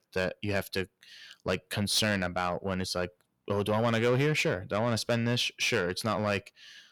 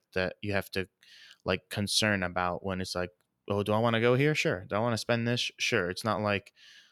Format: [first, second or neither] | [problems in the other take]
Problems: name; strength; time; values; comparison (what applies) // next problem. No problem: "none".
second | distortion; slight; 10 dB below the speech